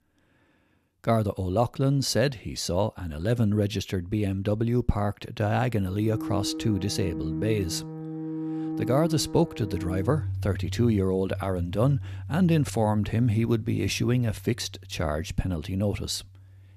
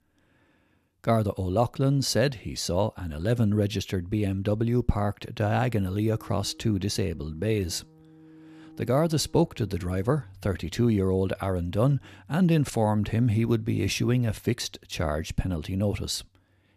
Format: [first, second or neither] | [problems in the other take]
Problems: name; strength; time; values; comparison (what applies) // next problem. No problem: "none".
second | background music; loud; from 6 s on; 9 dB below the speech; faint in the second